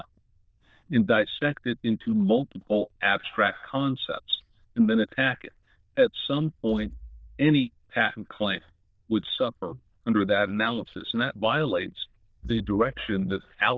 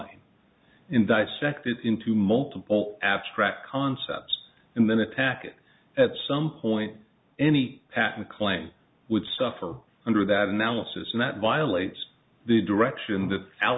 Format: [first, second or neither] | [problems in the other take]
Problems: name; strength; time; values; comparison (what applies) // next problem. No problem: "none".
second | noise reduction (neural diffusion model UNIVERSE++)